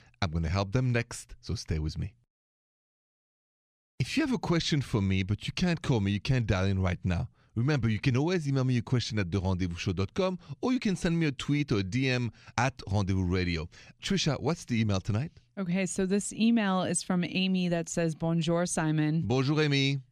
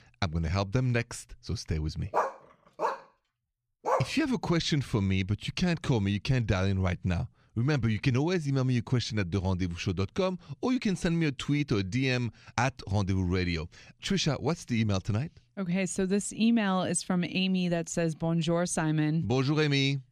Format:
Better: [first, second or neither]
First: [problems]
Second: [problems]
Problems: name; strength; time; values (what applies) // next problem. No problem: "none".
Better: first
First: none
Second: dog barking; noticeable; from 2 to 4 s; peak 1 dB below the speech